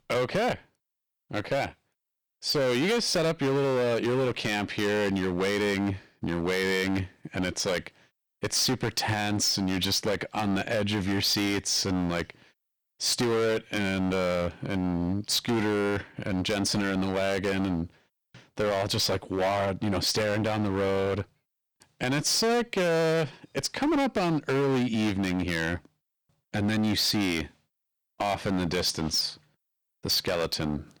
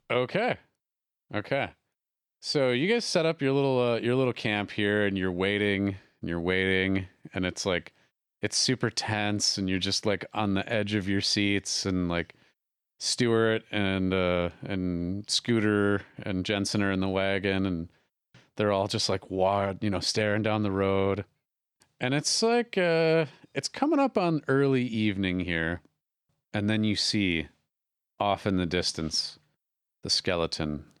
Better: second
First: distortion; heavy; 17% of the sound clipped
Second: none

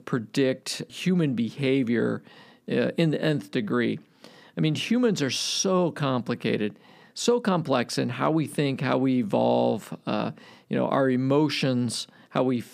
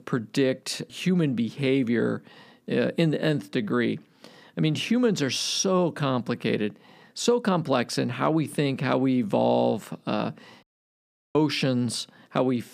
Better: first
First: none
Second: audio cutting out; at 11 s for 0.5 s

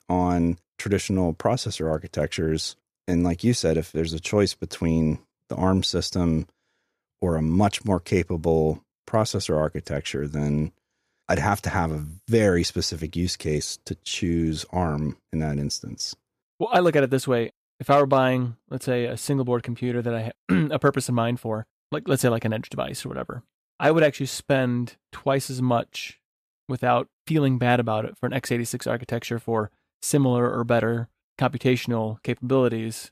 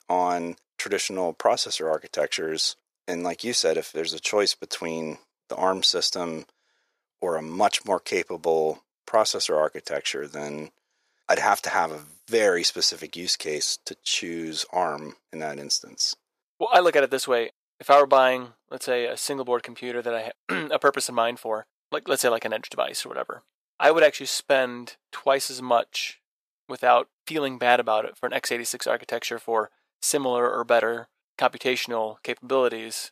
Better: first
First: none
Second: thin; very; fading below 600 Hz

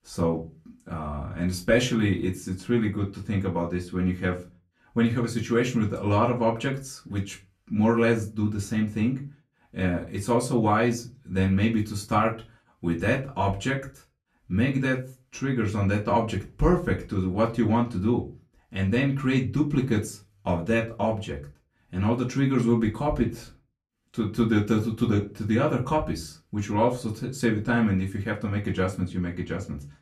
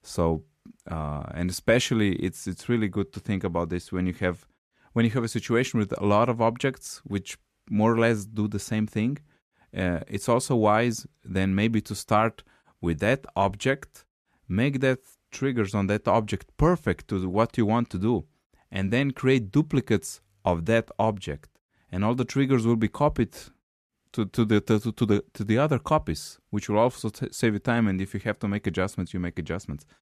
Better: second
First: off-mic speech; far // room echo; very slight; dies away in 0.2 s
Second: none

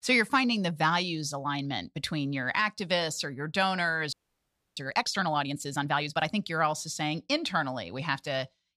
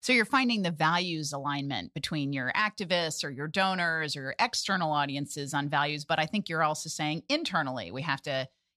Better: second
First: audio freezing; at 4 s for 0.5 s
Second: none

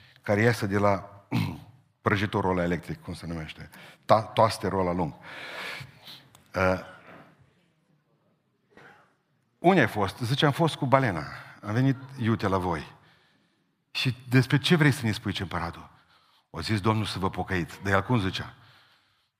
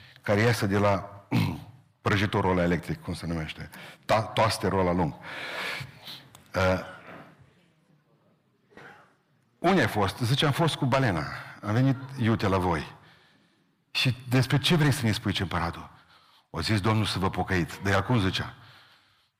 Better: first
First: none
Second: distortion; heavy; 7 dB below the speech

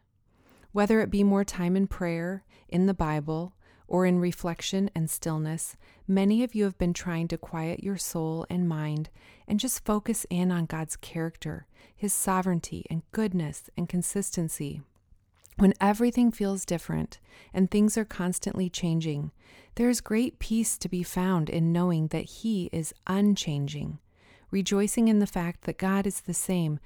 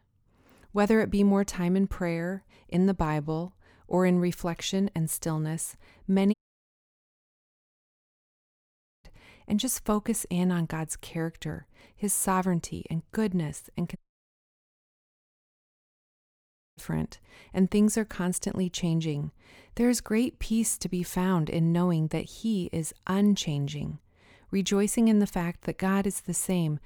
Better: first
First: none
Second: audio cutting out; at 6.5 s for 2.5 s and at 14 s for 3 s

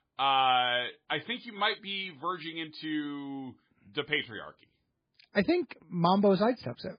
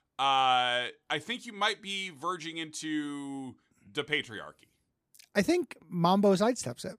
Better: second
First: garbled, watery; badly; nothing above 5 kHz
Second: none

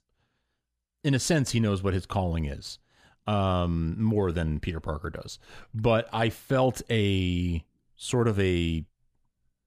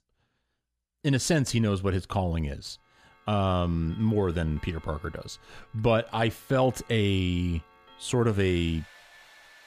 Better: first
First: none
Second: household noises; faint; from 3 s on; 25 dB below the speech

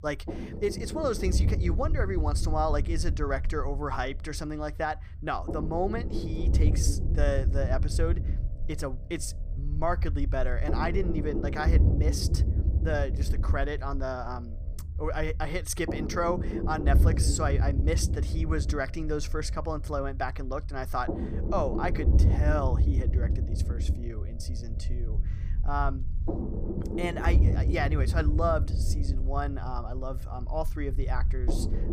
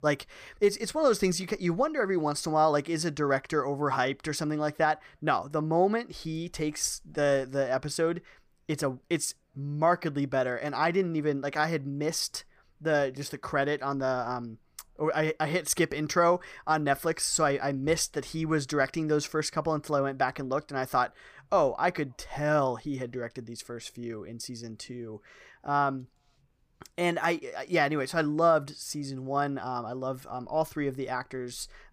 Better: second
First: low rumble; loud; throughout; 9 dB below the speech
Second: none

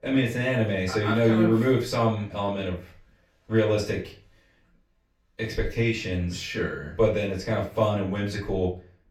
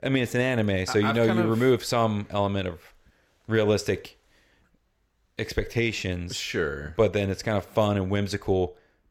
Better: second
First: room echo; slight; dies away in 0.3 s // off-mic speech; far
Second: none

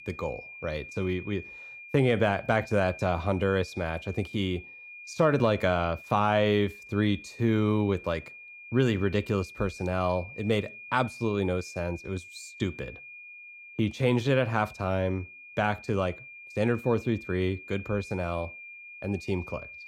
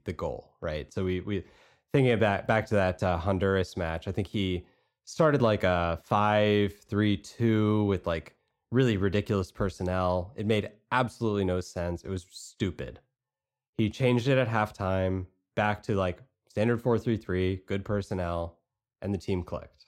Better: second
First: high-pitched whine; noticeable; throughout; 2.5 kHz, 15 dB below the speech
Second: none

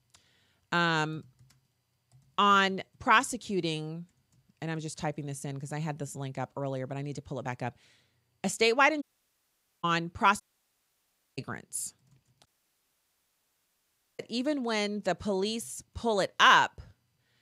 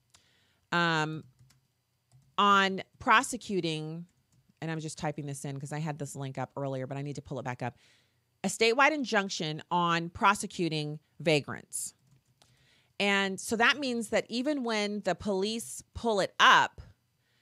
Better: second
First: audio cutting out; at 9 s for 1 s, at 10 s for 1 s and at 12 s for 1.5 s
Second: none

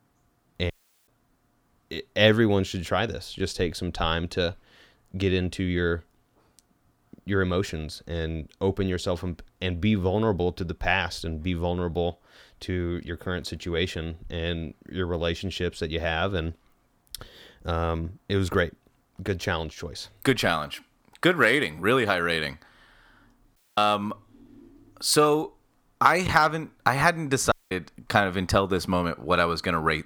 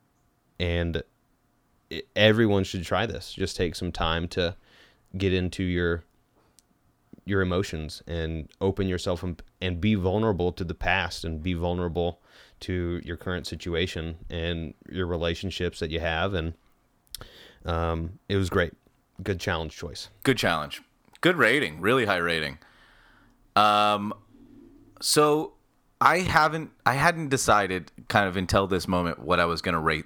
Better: second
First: audio cutting out; at 0.5 s, at 24 s and at 28 s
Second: none

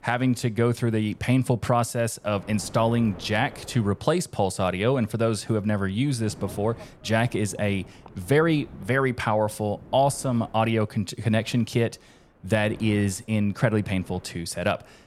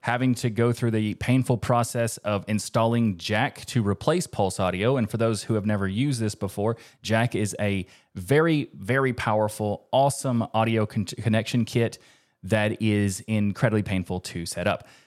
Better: second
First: wind noise on the microphone; occasional gusts; 25 dB below the speech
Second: none

